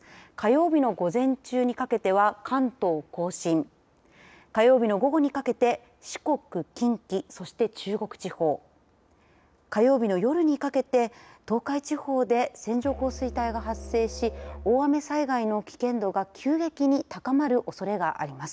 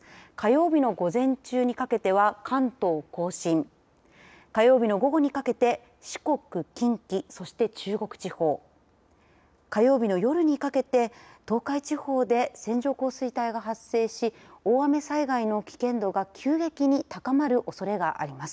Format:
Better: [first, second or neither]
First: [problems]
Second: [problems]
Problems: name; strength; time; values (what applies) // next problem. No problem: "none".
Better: second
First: background sound (Musical instrument); 14 dB below the speech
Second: none